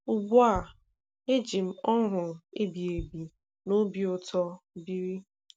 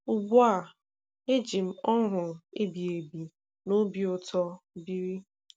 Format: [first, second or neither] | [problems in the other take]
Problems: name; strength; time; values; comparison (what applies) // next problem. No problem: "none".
second | background sound (Bass drum); 19 dB below the speech